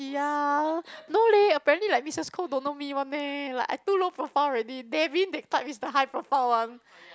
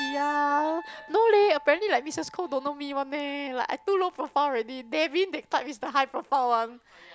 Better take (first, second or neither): first